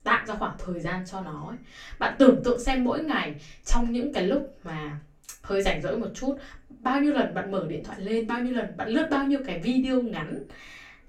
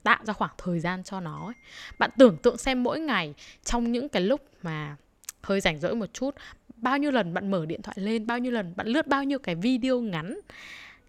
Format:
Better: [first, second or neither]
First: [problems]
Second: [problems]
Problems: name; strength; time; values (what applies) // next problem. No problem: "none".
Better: second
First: off-mic speech; far // room echo; very slight; dies away in 0.3 s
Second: none